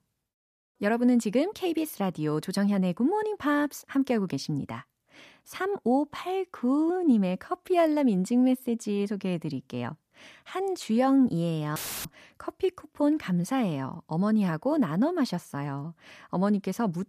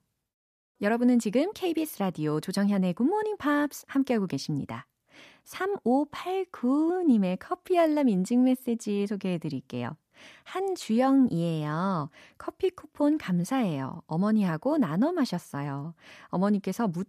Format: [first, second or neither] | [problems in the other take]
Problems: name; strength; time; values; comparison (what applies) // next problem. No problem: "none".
second | audio cutting out; filled with static; at 12 s